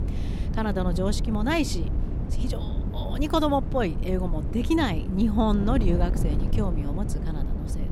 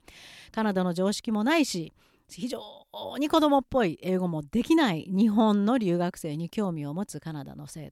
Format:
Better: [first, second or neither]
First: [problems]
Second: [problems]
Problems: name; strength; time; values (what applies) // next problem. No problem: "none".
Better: second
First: wind noise on the microphone; occasional gusts; 10 dB below the speech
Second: none